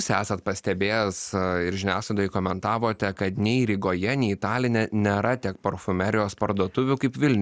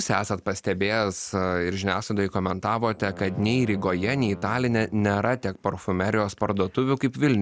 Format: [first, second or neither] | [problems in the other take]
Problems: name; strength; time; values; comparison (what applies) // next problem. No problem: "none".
first | background sound (Brass instrument); 18 dB below the speech